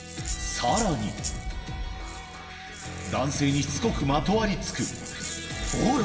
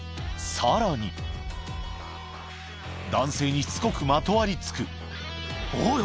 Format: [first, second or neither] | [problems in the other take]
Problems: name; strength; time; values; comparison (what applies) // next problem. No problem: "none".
second | background sound (Rattle (instrument)); 13 dB below the speech // room echo; dies away in 2.9 s